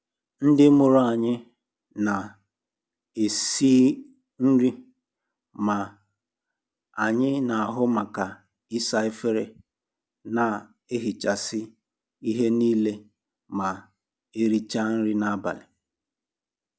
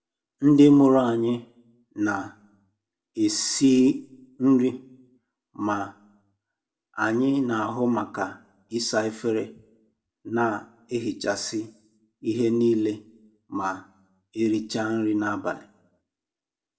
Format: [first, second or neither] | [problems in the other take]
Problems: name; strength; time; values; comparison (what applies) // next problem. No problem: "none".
first | room echo; dies away in 0.3 s